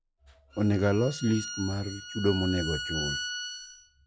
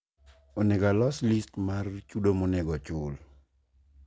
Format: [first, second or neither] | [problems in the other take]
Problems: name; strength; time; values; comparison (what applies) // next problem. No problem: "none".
second | noise reduction (classical method log-MMSE)